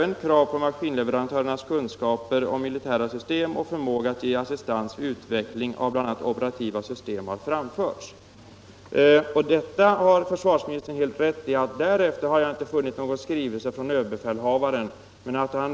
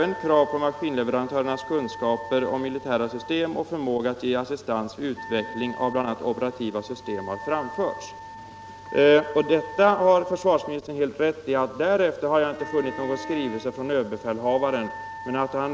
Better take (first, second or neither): first